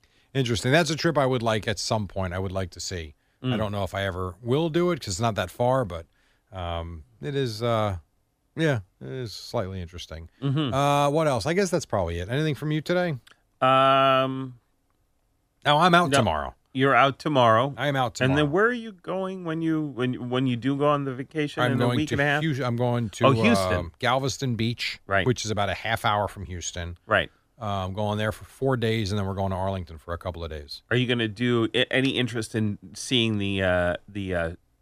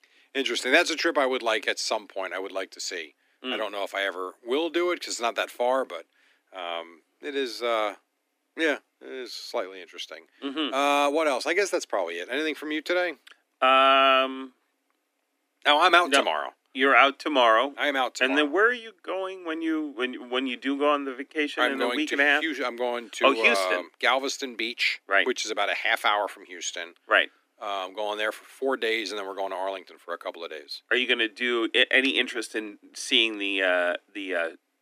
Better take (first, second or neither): first